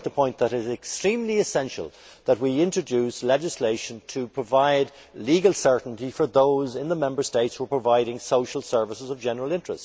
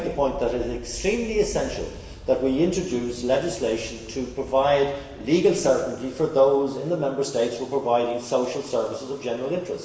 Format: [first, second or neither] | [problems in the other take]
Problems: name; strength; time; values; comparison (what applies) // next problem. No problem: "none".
first | background sound (Wind); 19 dB below the speech // room echo; dies away in 1.2 s